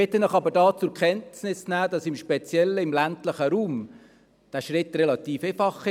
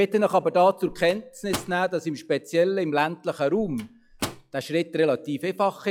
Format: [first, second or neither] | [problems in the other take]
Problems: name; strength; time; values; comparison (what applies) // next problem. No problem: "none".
first | noise reduction (classical method log-MMSE)